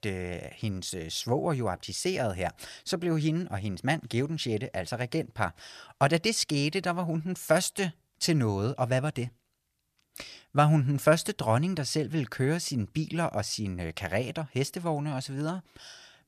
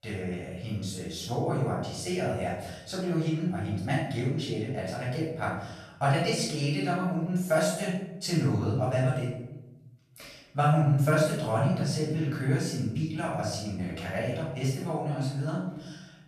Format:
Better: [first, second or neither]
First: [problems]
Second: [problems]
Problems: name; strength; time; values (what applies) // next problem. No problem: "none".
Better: first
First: none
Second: room echo; noticeable; dies away in 0.8 s // off-mic speech; far